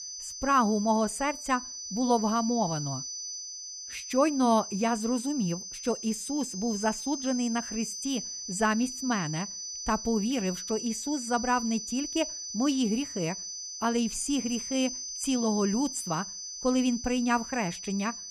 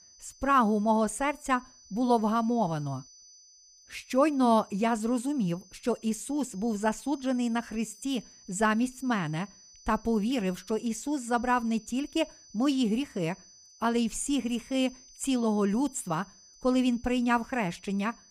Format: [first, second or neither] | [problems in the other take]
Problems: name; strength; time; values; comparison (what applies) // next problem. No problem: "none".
second | high-pitched whine; loud; throughout; 6 kHz, 7 dB below the speech; faint in the second